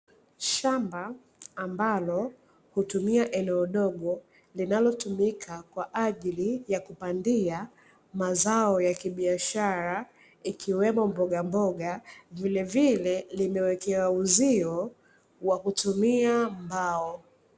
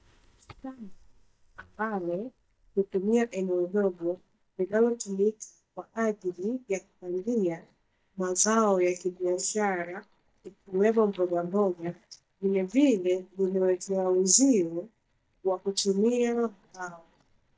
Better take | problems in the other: first | noise reduction (neural mask model DeepFilterNet 3)

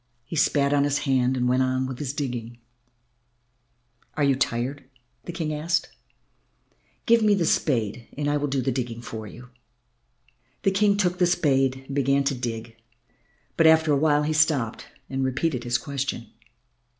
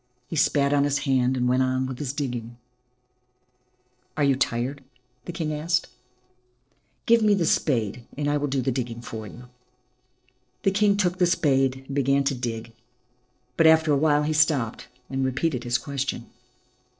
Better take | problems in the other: first | noise reduction (neural separator model SepFormer DNS4)

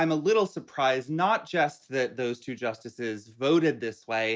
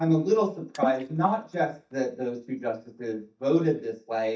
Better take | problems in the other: first | noise reduction (neural mask model DeepFilterNet 3)

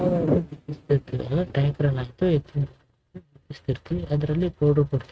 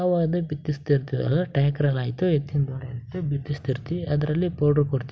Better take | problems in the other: second | noise reduction (neural mask model RNNoise)

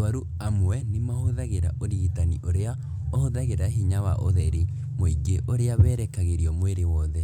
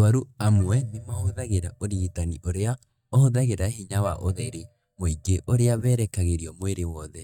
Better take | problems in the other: first | noise reduction (neural mask model DeepFilterNet 3)

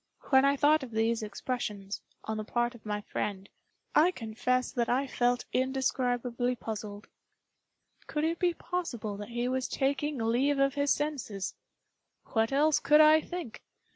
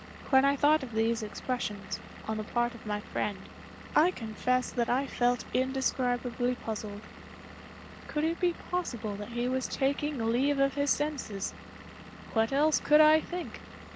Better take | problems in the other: first | background sound (Engine / Vehicle); 15 dB below the speech

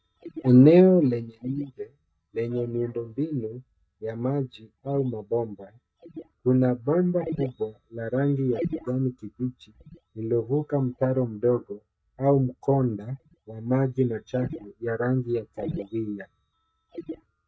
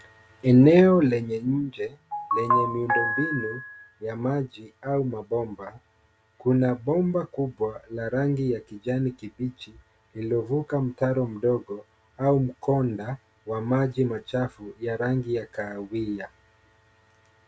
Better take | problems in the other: second | noise reduction (neural mask model DeepFilterNet 3)

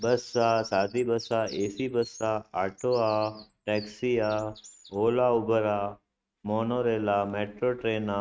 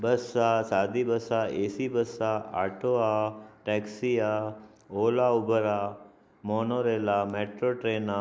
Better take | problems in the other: second | noise reduction (neural mask model RNNoise)

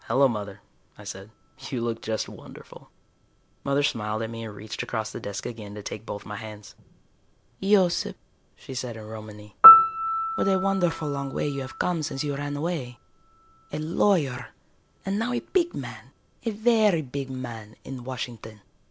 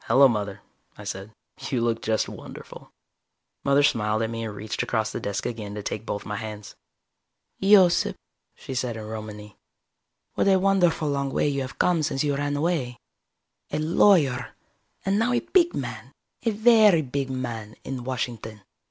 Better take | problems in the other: second | background sound (Piano); 1 dB below the speech

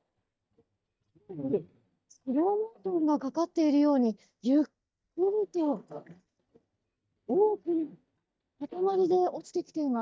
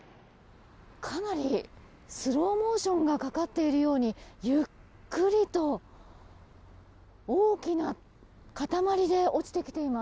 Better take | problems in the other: second | noise reduction (neural mask model DeepFilterNet 3)

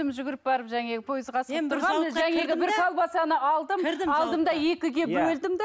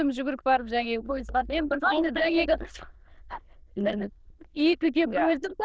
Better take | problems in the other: first | noise reduction (neural diffusion model UNIVERSE++)

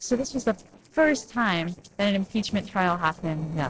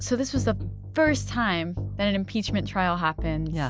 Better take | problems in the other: second | noise reduction (neural separator model SepFormer DNS4)

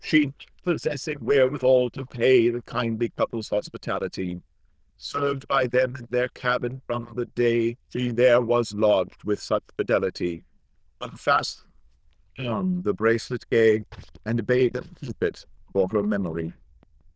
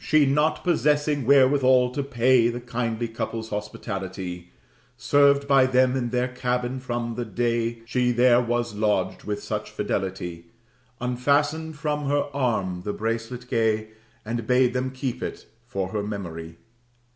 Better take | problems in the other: second | noise reduction (neural diffusion model UNIVERSE++)

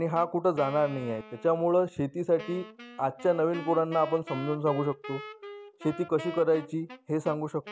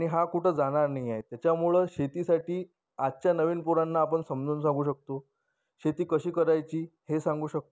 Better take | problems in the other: second | background sound (Wind instrument, woodwind instrument); 16 dB below the speech

